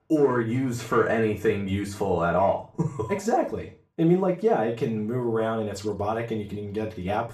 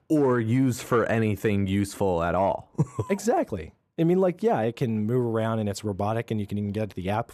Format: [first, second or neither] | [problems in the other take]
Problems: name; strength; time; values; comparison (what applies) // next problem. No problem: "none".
second | room echo; slight; dies away in 0.3 s // off-mic speech; far